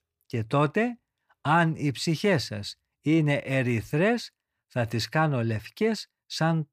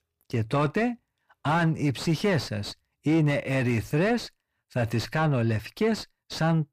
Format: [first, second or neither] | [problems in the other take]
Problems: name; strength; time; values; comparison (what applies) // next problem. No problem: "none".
first | distortion; slight; 10 dB below the speech